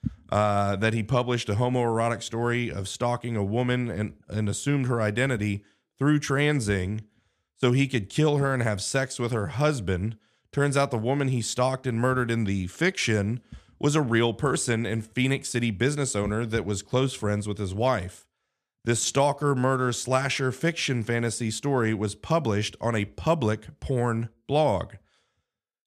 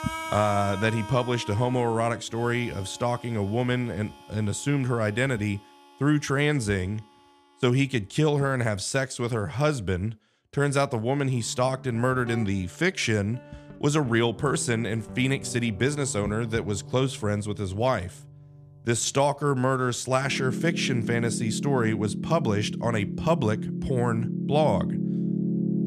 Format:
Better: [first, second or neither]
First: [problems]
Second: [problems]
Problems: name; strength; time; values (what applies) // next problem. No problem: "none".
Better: first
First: none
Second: background music; loud; throughout; 7 dB below the speech